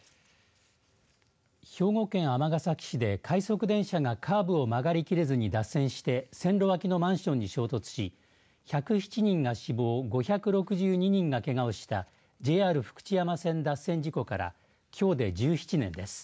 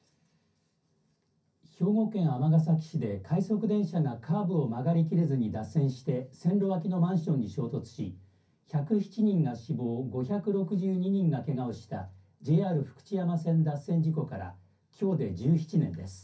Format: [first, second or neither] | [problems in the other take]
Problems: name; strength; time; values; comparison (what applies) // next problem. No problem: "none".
first | room echo; dies away in 0.3 s